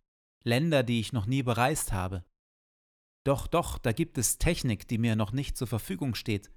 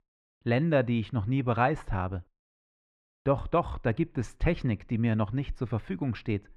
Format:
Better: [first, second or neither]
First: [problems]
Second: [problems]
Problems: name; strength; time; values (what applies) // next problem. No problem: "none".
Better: first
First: none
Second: muffled; very; fading above 1.5 kHz